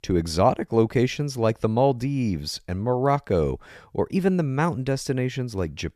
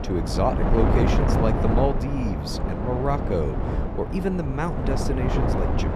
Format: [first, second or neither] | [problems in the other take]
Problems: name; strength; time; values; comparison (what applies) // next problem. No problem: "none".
first | wind noise on the microphone; heavy; 1 dB below the speech